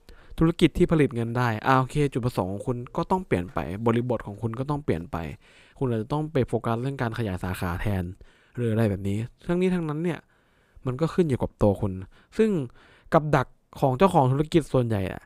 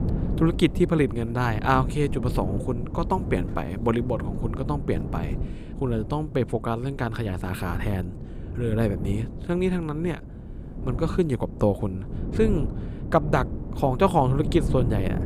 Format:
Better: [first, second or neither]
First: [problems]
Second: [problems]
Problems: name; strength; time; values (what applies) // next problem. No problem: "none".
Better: first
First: none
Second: wind noise on the microphone; occasional gusts; 15 dB below the speech